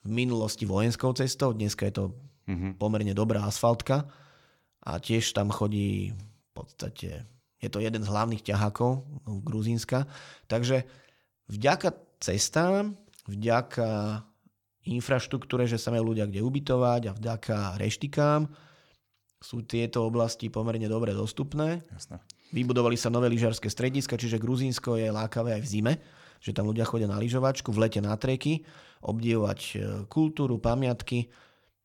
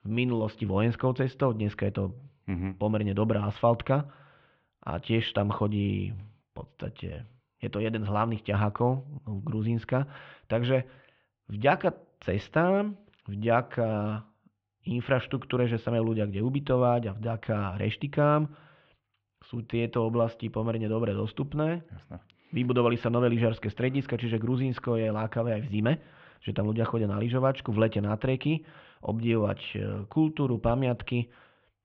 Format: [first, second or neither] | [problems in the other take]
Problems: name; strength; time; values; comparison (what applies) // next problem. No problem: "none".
first | muffled; very; fading above 3 kHz